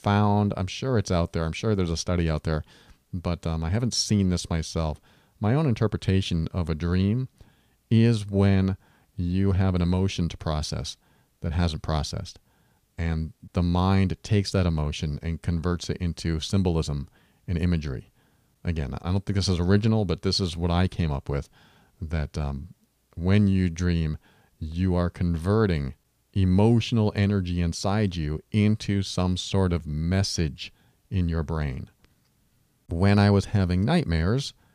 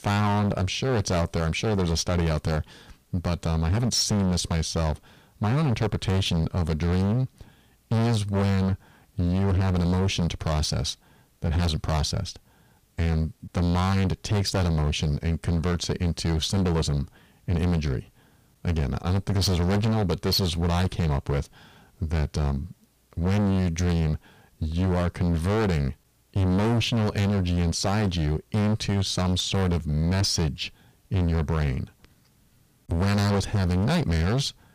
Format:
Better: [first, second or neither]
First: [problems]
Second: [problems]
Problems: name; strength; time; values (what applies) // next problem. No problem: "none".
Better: first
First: none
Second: distortion; heavy; 21% of the sound clipped